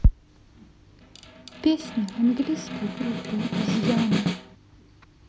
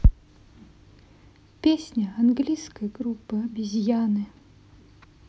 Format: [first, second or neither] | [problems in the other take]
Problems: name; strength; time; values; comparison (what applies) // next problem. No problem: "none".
second | background sound (Snare drum); 4 dB below the speech